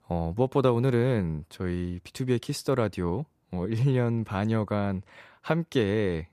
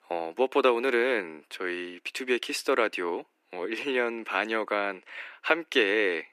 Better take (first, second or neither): first